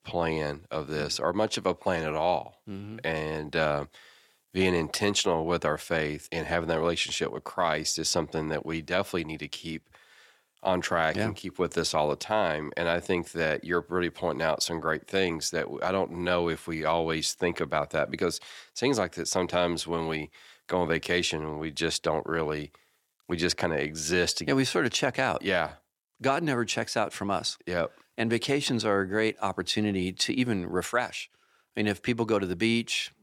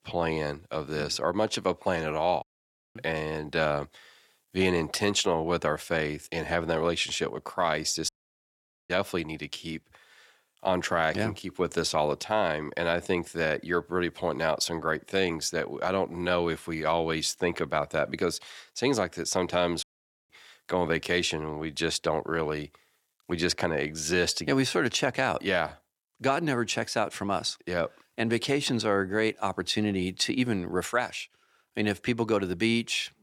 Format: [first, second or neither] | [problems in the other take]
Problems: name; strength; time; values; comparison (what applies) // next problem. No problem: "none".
first | audio cutting out; at 2.5 s for 0.5 s, at 8 s for 1 s and at 20 s